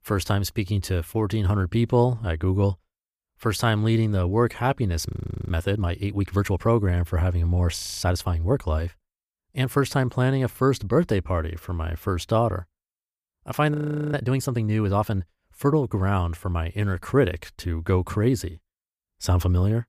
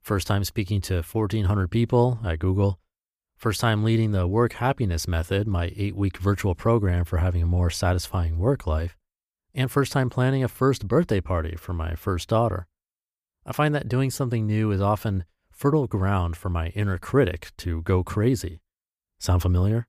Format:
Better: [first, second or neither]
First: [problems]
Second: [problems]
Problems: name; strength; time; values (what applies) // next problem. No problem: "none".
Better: second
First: audio freezing; at 5 s, at 8 s and at 14 s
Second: none